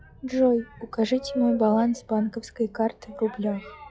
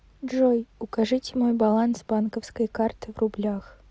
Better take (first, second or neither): second